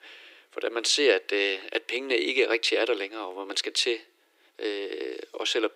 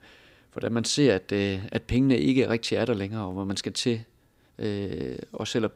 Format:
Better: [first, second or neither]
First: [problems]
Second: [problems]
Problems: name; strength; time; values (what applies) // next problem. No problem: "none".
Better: second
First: thin; very; fading below 300 Hz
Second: none